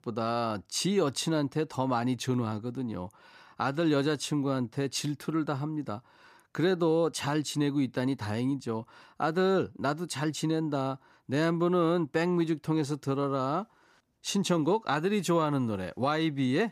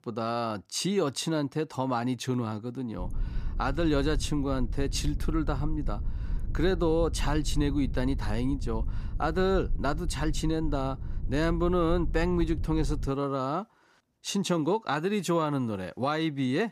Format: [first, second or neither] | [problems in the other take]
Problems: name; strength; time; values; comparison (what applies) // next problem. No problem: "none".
first | low rumble; faint; from 3 to 13 s; 20 dB below the speech